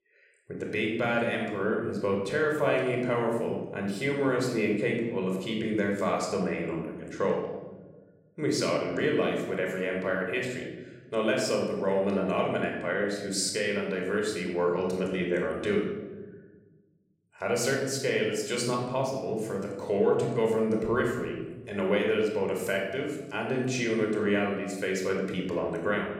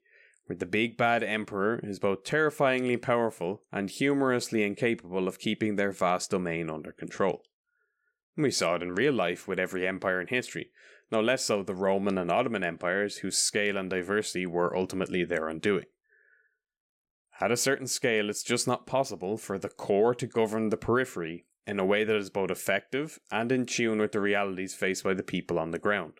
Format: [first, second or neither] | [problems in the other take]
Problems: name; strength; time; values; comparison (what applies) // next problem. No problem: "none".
second | off-mic speech; somewhat distant // room echo; noticeable; dies away in 1.2 s